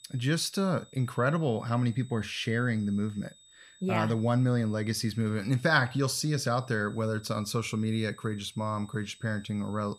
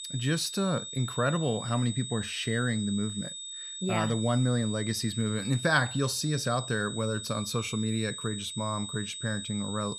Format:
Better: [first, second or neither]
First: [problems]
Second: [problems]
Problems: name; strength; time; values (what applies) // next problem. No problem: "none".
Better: first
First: high-pitched whine; faint; throughout; 4 kHz, 25 dB below the speech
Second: high-pitched whine; loud; throughout; 4 kHz, 7 dB below the speech